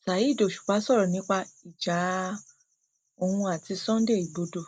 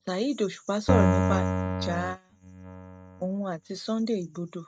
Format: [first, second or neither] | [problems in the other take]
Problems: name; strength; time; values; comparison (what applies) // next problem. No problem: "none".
first | noise reduction (neural mask model RNNoise)